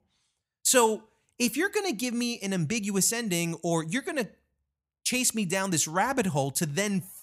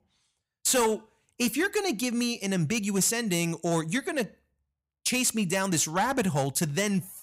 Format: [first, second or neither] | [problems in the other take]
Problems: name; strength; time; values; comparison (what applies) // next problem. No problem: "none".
first | distortion; slight; 5% of the sound clipped